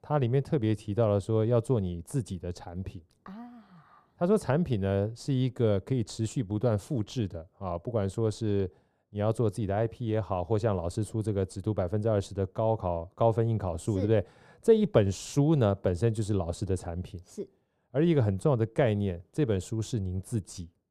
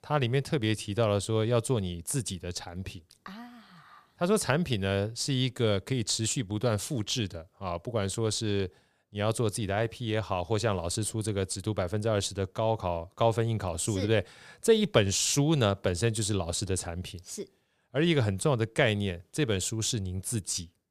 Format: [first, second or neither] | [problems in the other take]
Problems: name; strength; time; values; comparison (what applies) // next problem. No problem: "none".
second | muffled; slightly; fading above 1.5 kHz